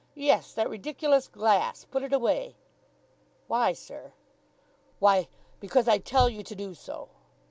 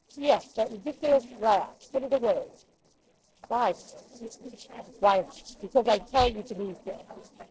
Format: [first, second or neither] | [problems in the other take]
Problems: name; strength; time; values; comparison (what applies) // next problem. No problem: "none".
first | noise reduction (neural separator model SepFormer DNS4)